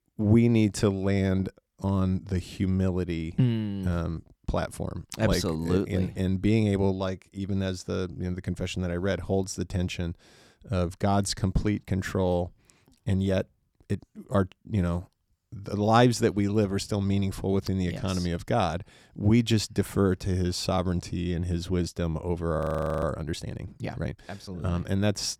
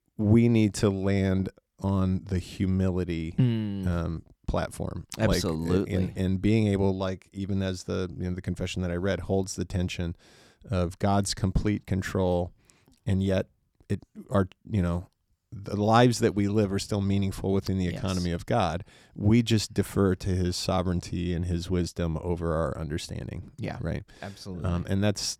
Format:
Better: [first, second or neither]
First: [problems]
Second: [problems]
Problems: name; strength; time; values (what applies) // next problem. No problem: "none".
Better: second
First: audio freezing; at 23 s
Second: none